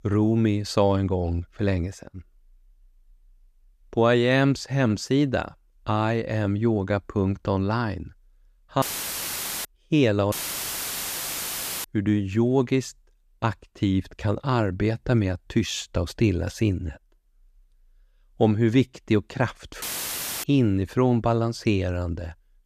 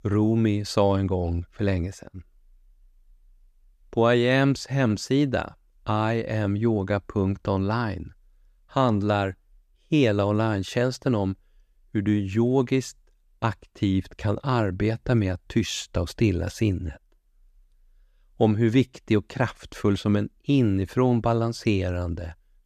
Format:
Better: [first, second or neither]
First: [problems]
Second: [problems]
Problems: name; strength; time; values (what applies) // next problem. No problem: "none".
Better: second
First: audio cutting out; filled with static; at 9 s for 1 s, at 10 s for 1.5 s and at 20 s for 0.5 s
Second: none